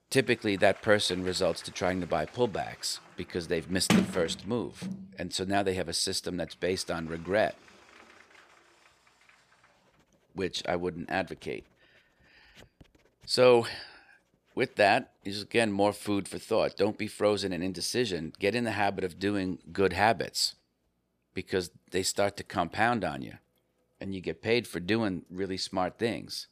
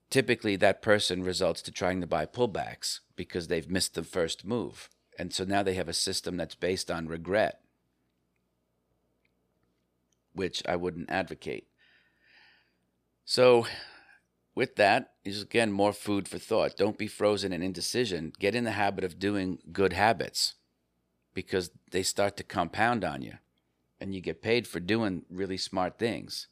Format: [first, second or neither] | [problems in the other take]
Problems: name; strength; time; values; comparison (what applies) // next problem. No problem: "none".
second | household noises; loud; throughout; 8 dB below the speech